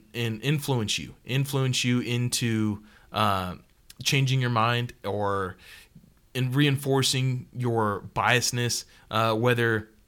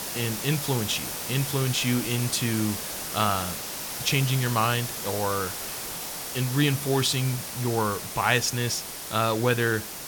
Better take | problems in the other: first | hiss; loud; throughout; 5 dB below the speech

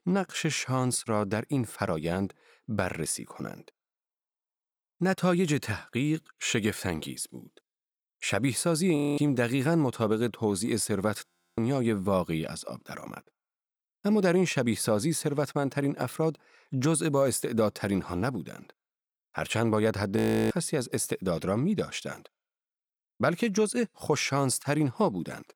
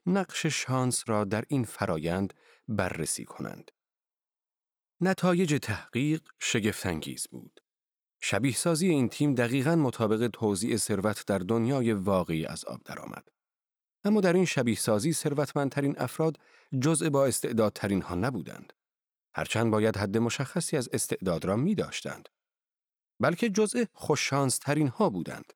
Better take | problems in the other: second | audio freezing; at 9 s, at 11 s and at 20 s

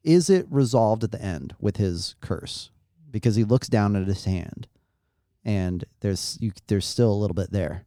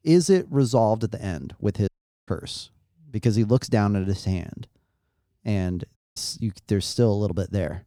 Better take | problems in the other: first | audio cutting out; at 2 s and at 6 s

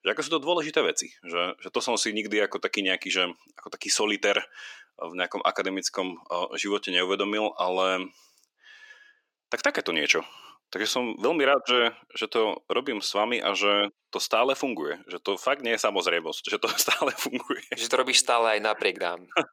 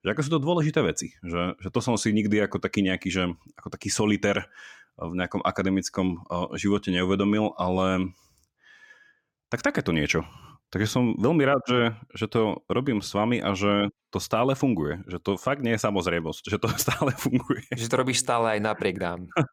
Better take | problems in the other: second | thin; somewhat; fading below 350 Hz

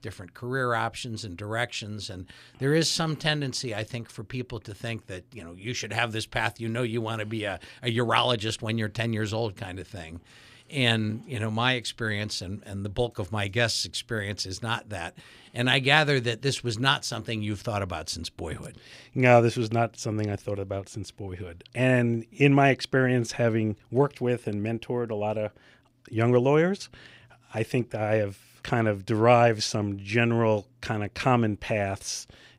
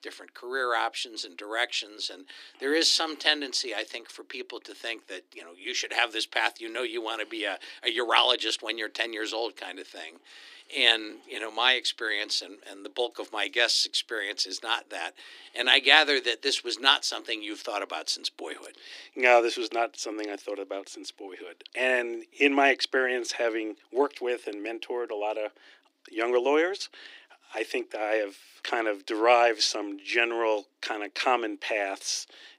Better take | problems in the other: first | thin; somewhat; fading below 300 Hz

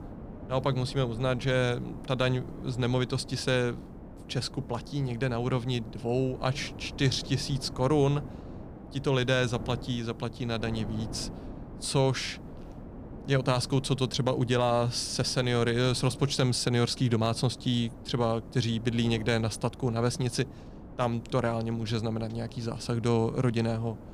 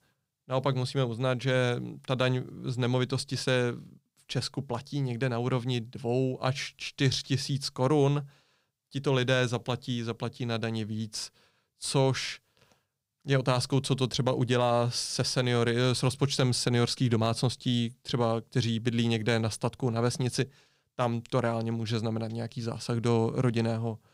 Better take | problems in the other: second | wind noise on the microphone; occasional gusts; 15 dB below the speech

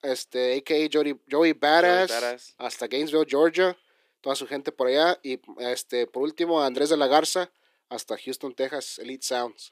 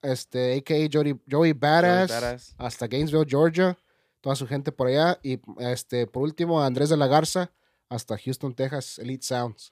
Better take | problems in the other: second | thin; somewhat; fading below 300 Hz

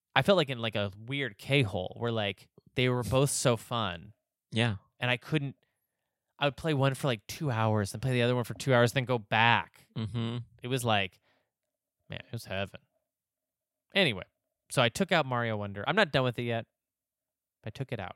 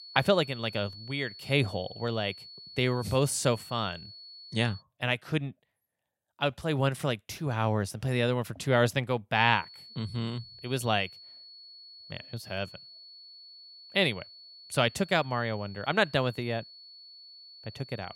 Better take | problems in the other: first | high-pitched whine; noticeable; until 5 s and from 9.5 s on; 4.5 kHz, 15 dB below the speech

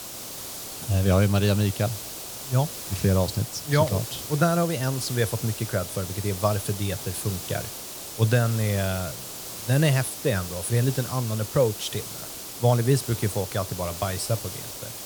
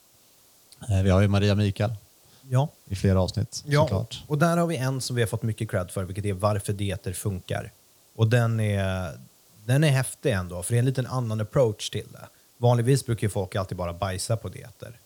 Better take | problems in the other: second | hiss; loud; throughout; 8 dB below the speech; faint in the second

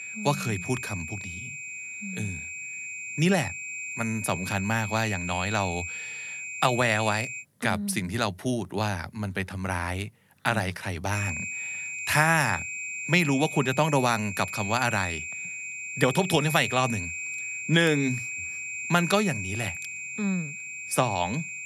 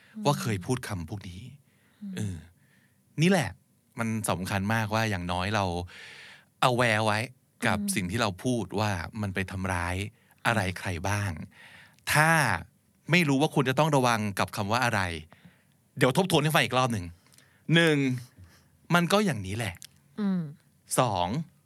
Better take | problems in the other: second | high-pitched whine; loud; until 7.5 s and from 11 s on; 2.5 kHz, 6 dB below the speech

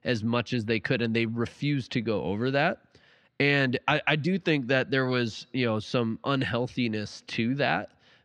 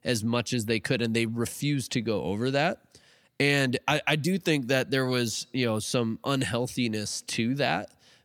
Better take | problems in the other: second | muffled; very slightly; fading above 4 kHz

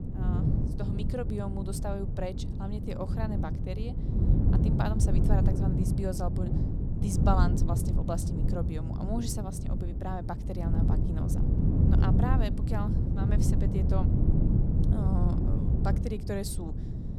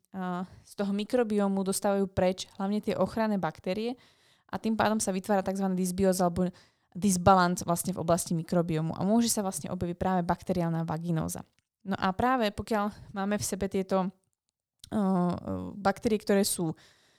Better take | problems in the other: second | wind noise on the microphone; heavy; 1 dB below the speech

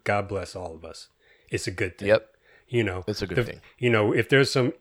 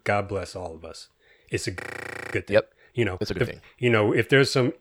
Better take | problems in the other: first | audio freezing; at 2 s for 0.5 s

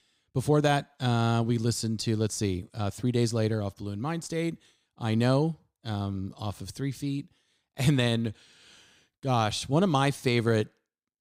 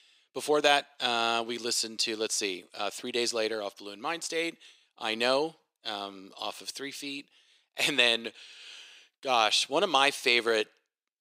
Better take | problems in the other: first | thin; very; fading below 400 Hz

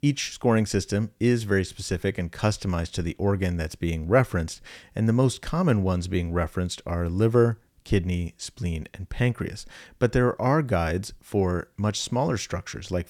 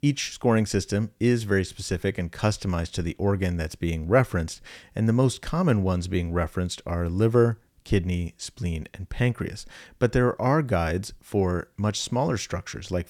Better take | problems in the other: neither | none

